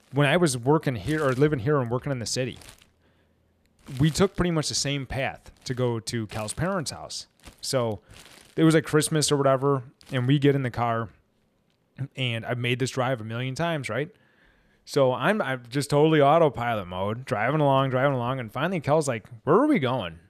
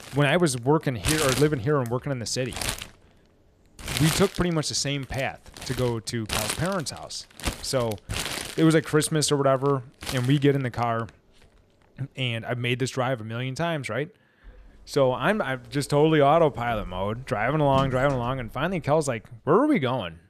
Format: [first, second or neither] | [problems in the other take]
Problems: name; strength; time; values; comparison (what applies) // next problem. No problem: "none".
first | household noises; loud; throughout; 8 dB below the speech; faint in the first